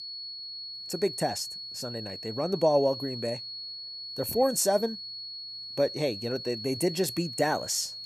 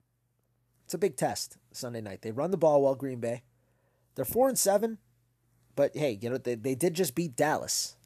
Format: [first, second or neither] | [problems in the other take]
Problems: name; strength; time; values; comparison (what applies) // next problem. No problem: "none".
second | high-pitched whine; loud; throughout; 4.5 kHz, 8 dB below the speech